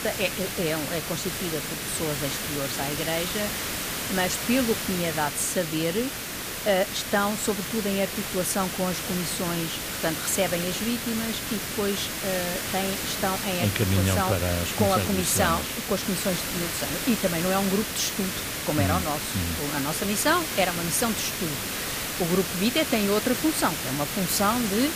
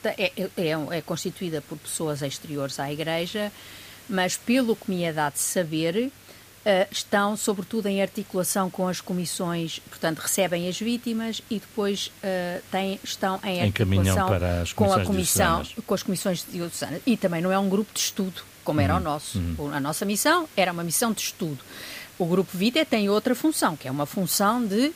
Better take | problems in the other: second | hiss; loud; throughout; 2 dB below the speech; faint in the second

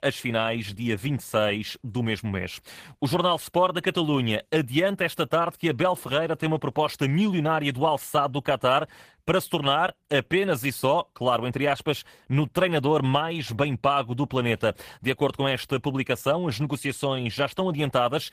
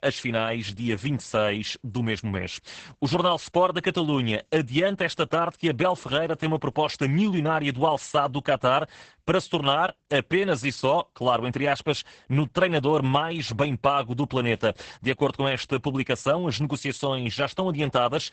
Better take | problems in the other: first | garbled, watery; badly; nothing above 8 kHz; slightly in the first

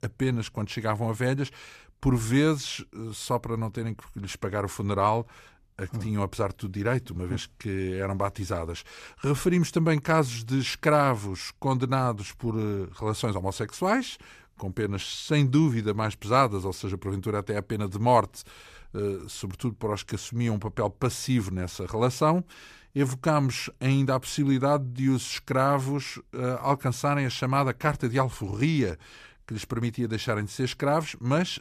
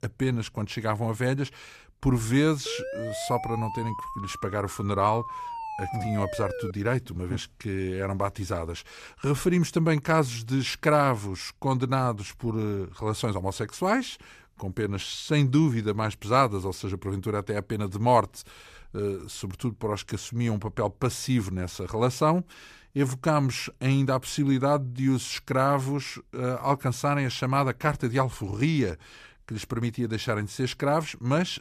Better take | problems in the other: first | siren; noticeable; from 2.5 to 6.5 s; peak 7 dB below the speech

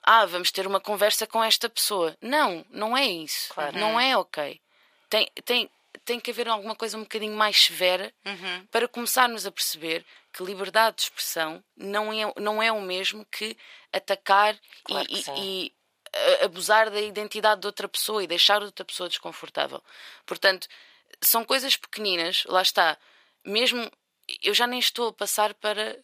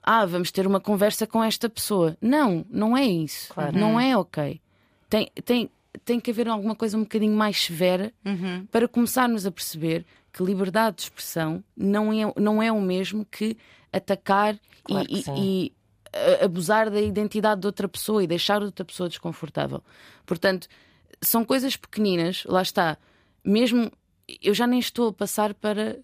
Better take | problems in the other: second | thin; very; fading below 600 Hz

